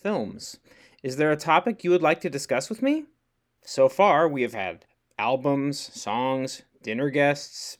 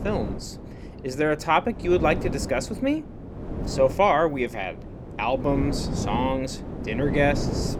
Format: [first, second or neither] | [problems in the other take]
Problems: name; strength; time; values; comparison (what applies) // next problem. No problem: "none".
first | wind noise on the microphone; occasional gusts; 15 dB below the speech